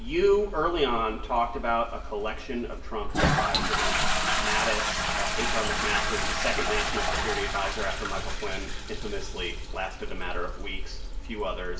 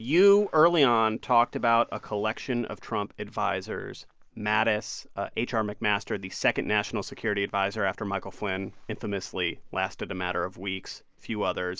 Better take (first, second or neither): second